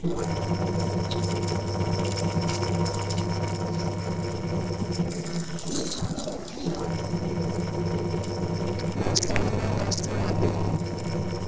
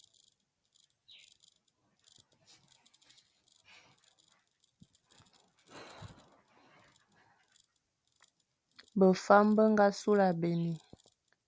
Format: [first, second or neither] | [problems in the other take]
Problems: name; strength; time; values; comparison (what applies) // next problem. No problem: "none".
second | noise reduction (neural separator model SepFormer DNS4)